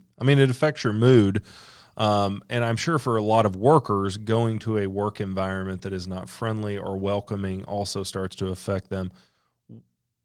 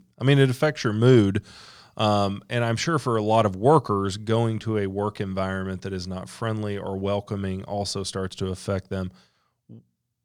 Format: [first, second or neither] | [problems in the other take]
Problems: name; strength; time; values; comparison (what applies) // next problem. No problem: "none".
second | garbled, watery; slightly; nothing above 19.5 kHz